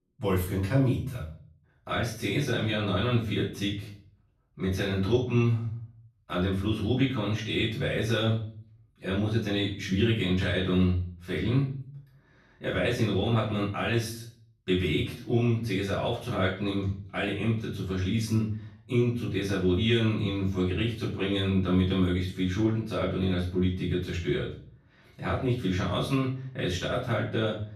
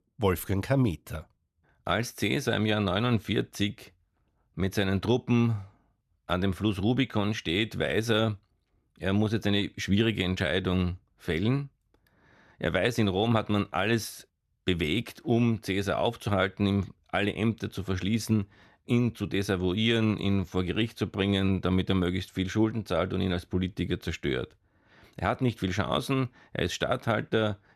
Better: second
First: off-mic speech; far // room echo; noticeable; dies away in 0.4 s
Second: none

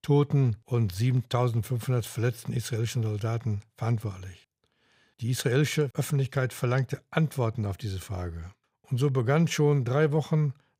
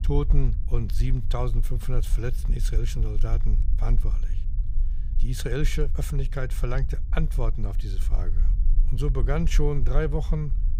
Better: first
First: none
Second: low rumble; noticeable; throughout; 15 dB below the speech

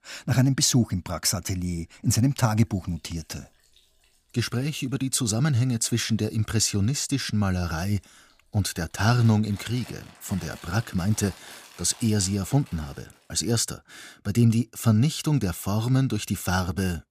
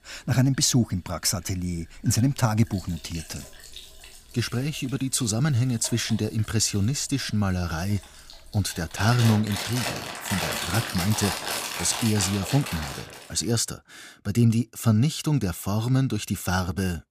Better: first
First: household noises; faint; until 13 s; 25 dB below the speech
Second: household noises; loud; until 13 s; 6 dB below the speech

